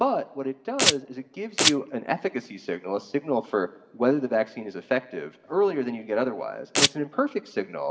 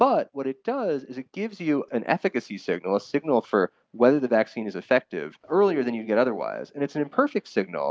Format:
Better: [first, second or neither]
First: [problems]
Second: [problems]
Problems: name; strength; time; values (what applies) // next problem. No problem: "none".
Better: second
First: background sound (Domestic sounds, home sounds); 3 dB above the speech // room echo; dies away in 1.2 s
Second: none